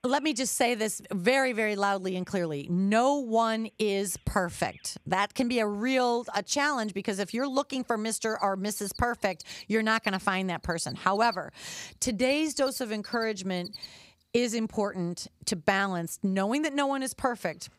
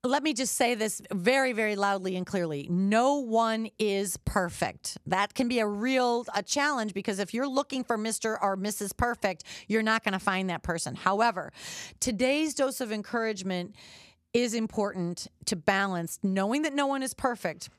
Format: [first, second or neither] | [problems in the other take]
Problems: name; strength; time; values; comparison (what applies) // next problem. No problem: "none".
second | animal sounds; noticeable; throughout; 15 dB below the speech